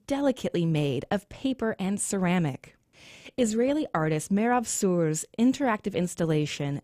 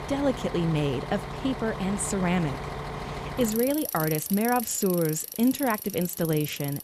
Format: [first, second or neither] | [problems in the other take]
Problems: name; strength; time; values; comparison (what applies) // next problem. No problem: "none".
first | traffic noise; loud; throughout; 7 dB below the speech